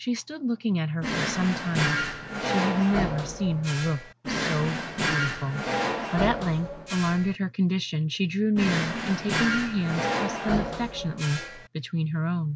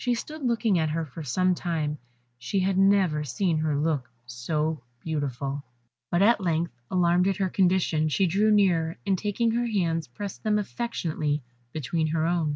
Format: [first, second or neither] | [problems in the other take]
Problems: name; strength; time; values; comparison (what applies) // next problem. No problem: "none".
second | background sound (Drawer open or close); 2 dB below the speech